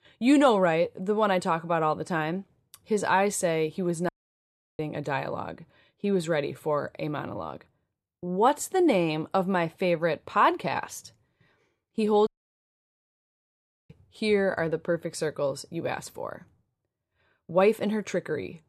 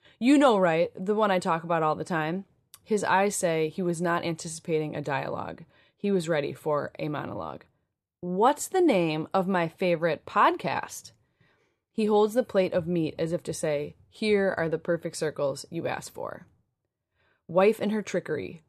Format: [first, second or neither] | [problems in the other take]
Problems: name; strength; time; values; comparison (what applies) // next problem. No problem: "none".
second | audio cutting out; at 4 s for 0.5 s and at 12 s for 1.5 s